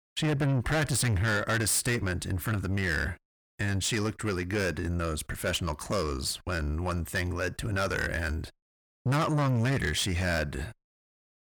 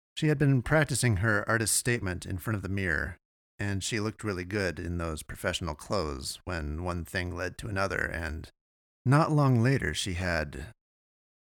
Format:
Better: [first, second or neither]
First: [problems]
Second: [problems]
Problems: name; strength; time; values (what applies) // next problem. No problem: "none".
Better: second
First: distortion; heavy; 6 dB below the speech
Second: none